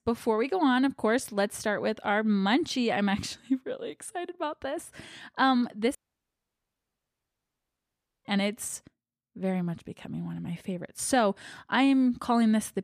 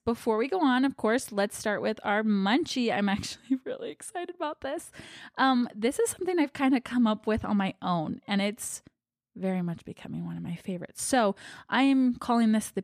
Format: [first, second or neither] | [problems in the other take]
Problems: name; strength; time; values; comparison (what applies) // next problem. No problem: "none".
second | audio cutting out; at 6 s for 2.5 s